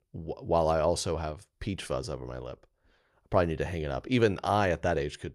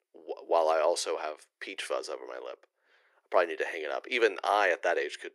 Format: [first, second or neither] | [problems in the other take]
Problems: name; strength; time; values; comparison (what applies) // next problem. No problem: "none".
first | thin; very; fading below 350 Hz